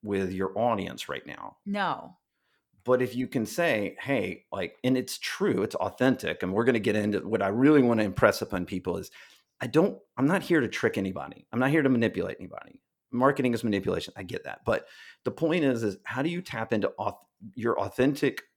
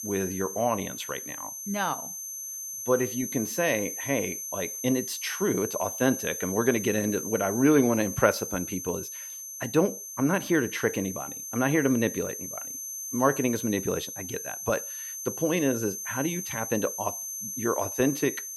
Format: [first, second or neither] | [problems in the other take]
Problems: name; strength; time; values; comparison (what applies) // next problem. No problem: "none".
first | high-pitched whine; loud; throughout; 6.5 kHz, 6 dB below the speech